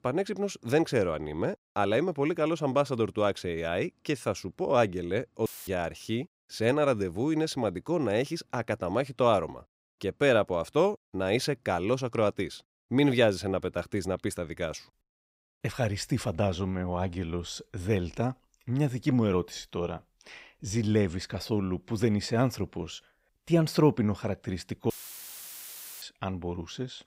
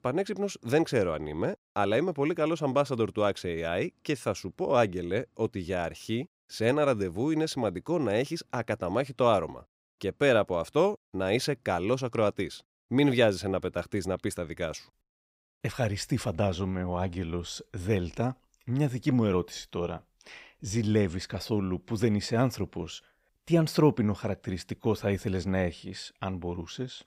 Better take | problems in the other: second | audio cutting out; filled with static; at 5.5 s and at 25 s for 1 s

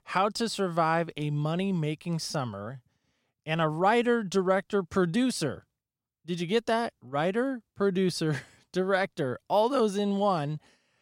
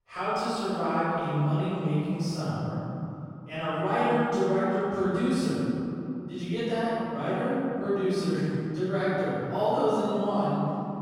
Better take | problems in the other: first | off-mic speech; far // room echo; strong; dies away in 3 s

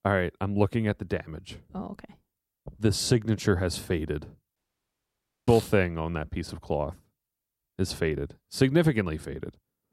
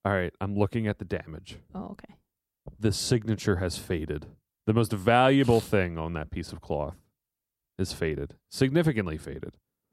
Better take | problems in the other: second | audio cutting out; at 4.5 s for 1 s

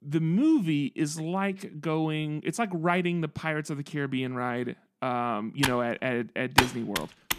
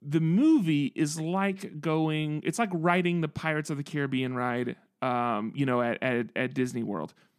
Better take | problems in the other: second | keyboard typing; loud; from 5.5 s on; peak 5 dB above the speech

